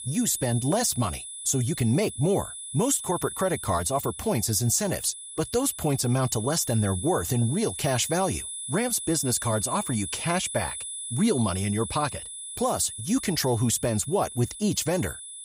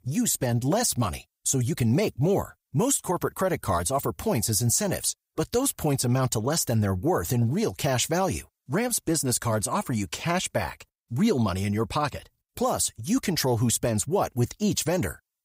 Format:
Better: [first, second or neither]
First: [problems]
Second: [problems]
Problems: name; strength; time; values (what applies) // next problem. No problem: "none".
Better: second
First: high-pitched whine; loud; throughout; 10 kHz, 8 dB below the speech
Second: none